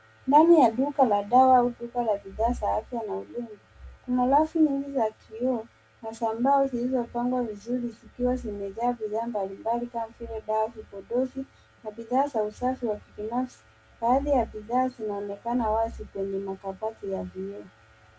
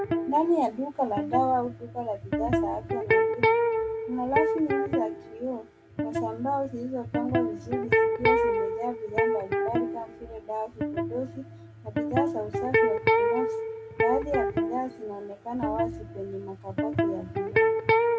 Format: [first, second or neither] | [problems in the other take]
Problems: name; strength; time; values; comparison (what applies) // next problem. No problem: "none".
first | background sound (Electric guitar); 4 dB above the speech